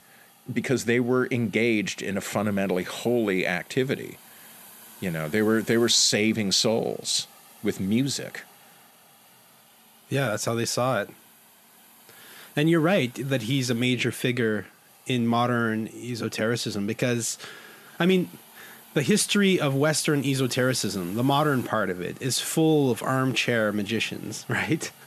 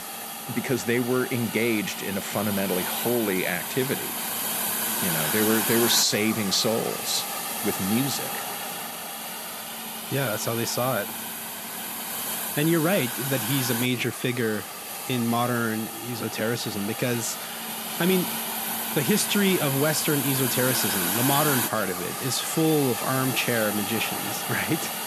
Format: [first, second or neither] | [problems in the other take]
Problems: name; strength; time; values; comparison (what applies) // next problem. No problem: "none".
first | hiss; loud; throughout; 2 dB below the speech; faint in the first